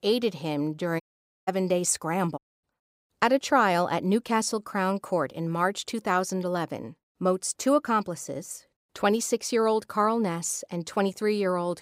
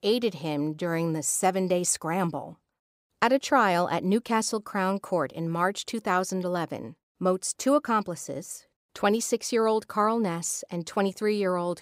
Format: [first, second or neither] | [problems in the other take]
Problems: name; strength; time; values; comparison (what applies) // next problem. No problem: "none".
second | audio cutting out; at 1 s and at 2.5 s